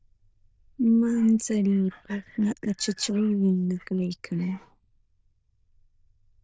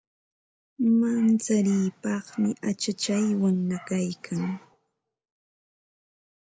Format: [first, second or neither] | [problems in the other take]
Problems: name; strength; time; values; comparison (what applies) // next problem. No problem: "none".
second | noise reduction (neural diffusion model UNIVERSE++)